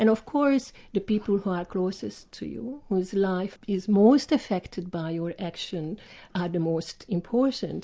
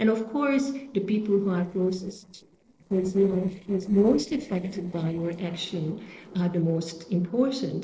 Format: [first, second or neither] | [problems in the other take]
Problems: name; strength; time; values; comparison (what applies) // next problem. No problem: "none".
first | noise reduction (neural separator model SepFormer DNS4)